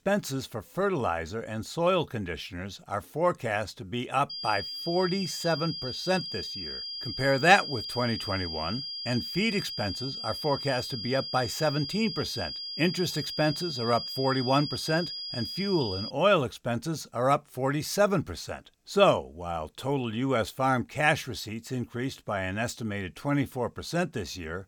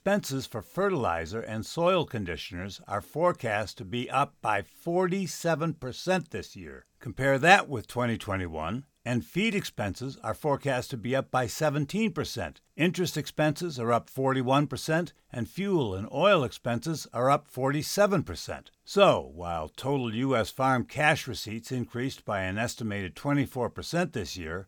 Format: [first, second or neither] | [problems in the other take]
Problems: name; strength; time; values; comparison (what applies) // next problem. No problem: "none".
second | high-pitched whine; loud; from 4.5 to 16 s; 5 kHz, 5 dB below the speech